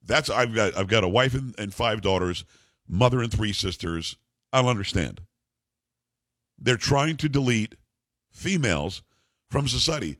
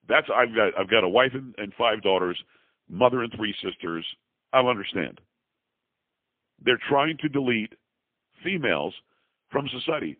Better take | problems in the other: first | phone-call audio; poor line; nothing above 3 kHz

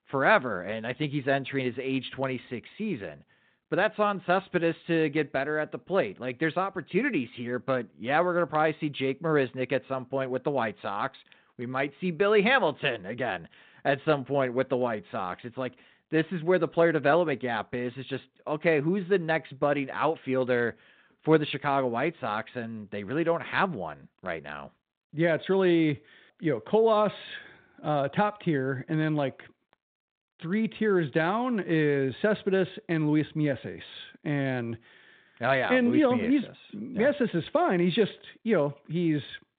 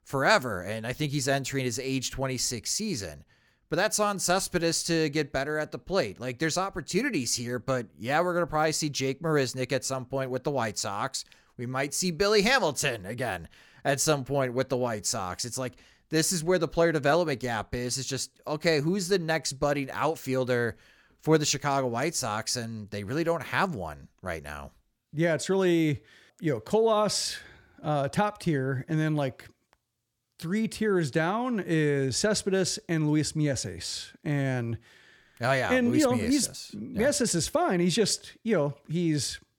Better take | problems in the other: second | phone-call audio; nothing above 4 kHz

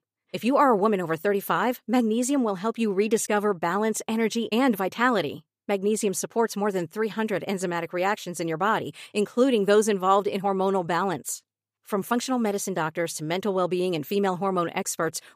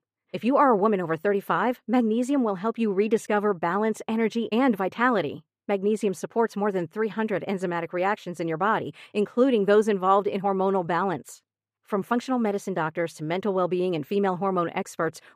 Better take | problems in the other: first | muffled; slightly; fading above 3.5 kHz

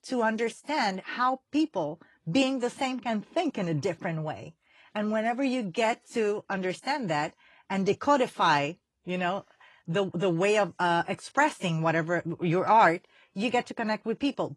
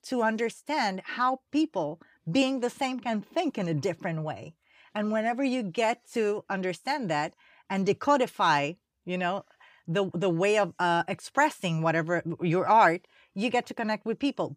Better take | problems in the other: second | garbled, watery; slightly

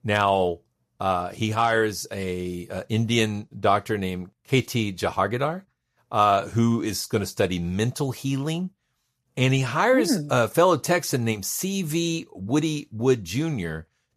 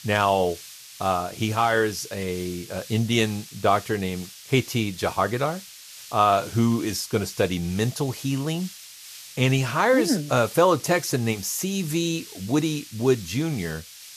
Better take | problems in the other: first | hiss; noticeable; throughout; 15 dB below the speech

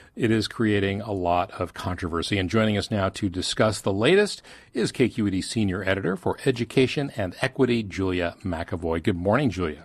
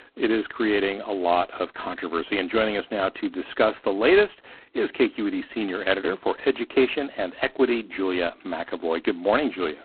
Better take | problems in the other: first | phone-call audio; poor line; nothing above 4 kHz

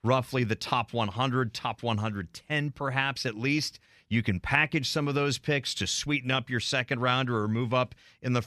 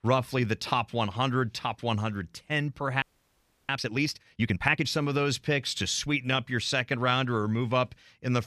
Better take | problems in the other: first | audio freezing; at 3 s for 0.5 s

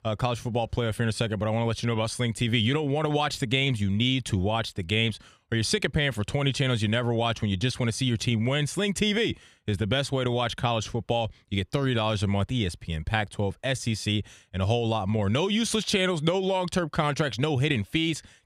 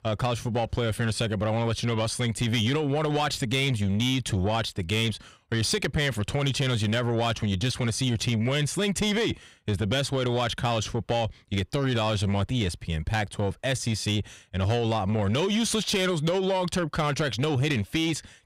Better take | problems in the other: first | distortion; slight; 10 dB below the speech

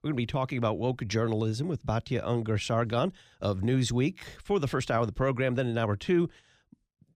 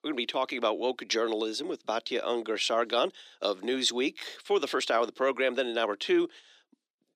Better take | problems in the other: first | thin; somewhat; fading below 300 Hz

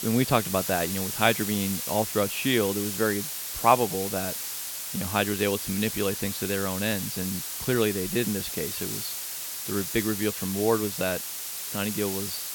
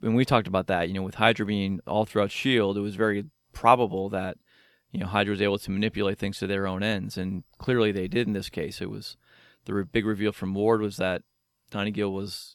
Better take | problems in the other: second | hiss; loud; throughout; 3 dB below the speech

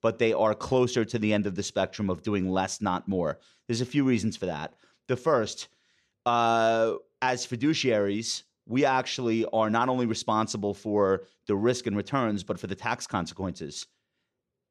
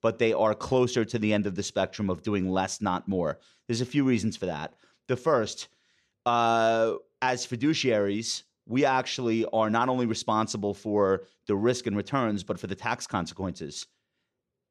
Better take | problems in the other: neither | none

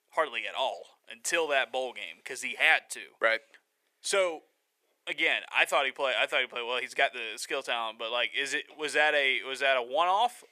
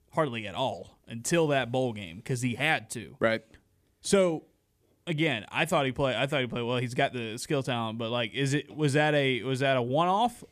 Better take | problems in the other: second | thin; very; fading below 500 Hz

